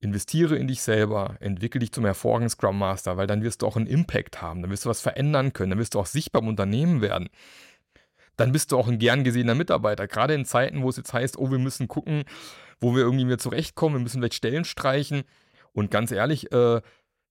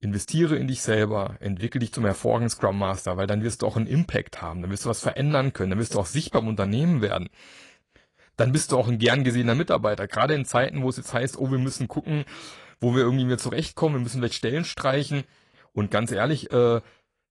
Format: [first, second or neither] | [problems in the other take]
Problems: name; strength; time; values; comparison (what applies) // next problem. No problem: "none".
first | garbled, watery; slightly; nothing above 10.5 kHz